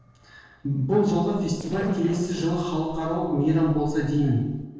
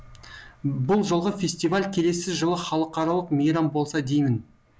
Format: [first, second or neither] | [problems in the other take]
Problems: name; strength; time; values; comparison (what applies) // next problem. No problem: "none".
second | noise reduction (neural separator model SepFormer DNS4)